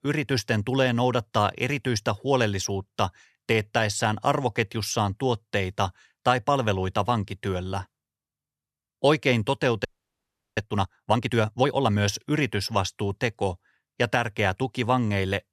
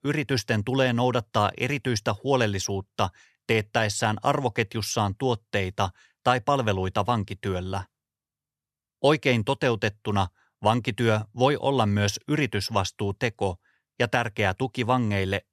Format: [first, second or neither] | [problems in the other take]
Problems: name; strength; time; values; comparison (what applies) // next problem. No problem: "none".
second | audio freezing; at 10 s for 0.5 s